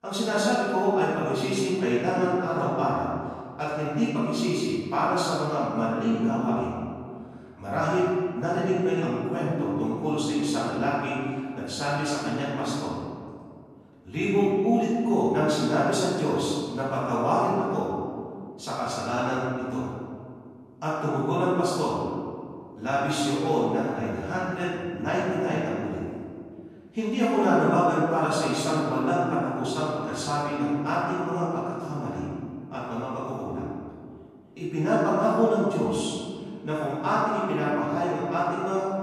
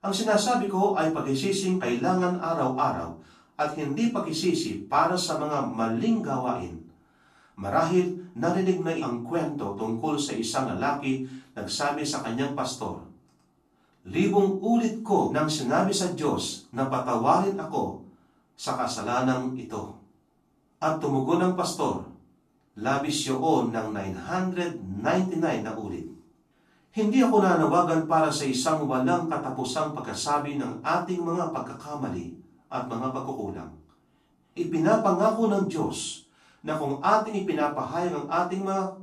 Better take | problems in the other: second | room echo; strong; dies away in 2 s; slight in the second // off-mic speech; far; far in the second

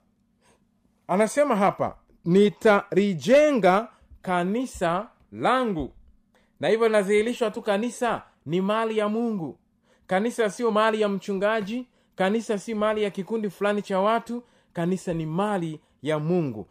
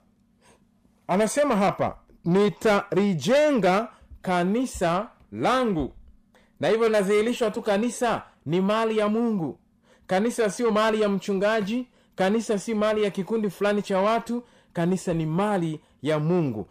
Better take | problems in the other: first | distortion; slight; 10 dB below the speech

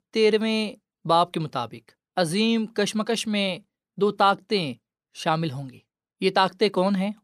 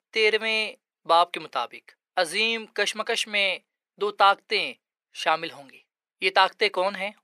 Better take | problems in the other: first | thin; very; fading below 550 Hz

